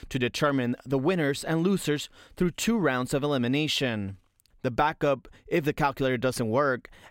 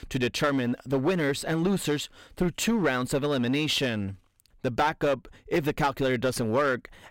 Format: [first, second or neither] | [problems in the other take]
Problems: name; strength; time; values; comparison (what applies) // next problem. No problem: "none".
first | distortion; slight; 7% of the sound clipped